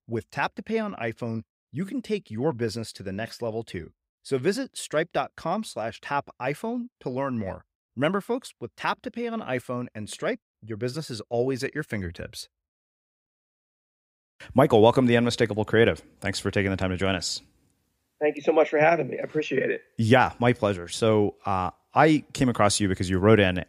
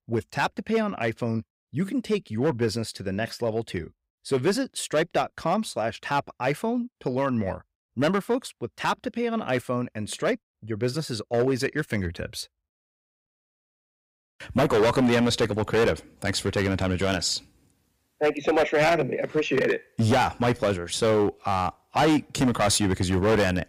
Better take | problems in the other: first | distortion; heavy; 7% of the sound clipped

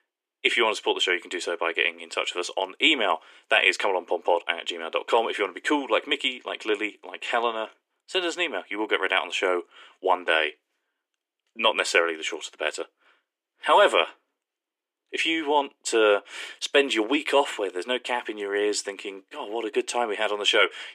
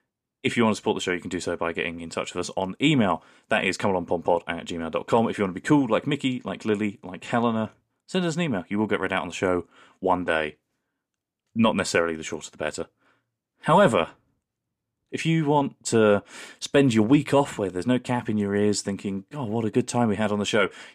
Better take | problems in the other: second | thin; very; fading below 350 Hz

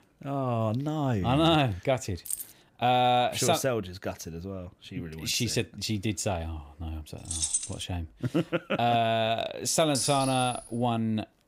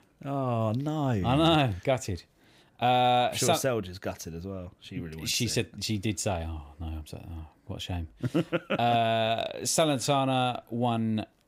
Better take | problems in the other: second | jangling keys; noticeable; at 2.5 s and at 7.5 s; peak level with the speech // clattering dishes; noticeable; at 10 s; peak 3 dB below the speech

